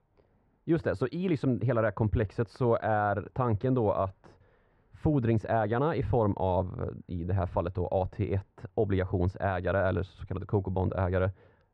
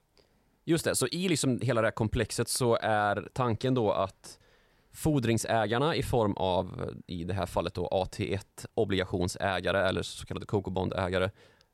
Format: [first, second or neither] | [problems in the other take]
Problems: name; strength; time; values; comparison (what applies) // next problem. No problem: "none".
second | muffled; very; fading above 1.5 kHz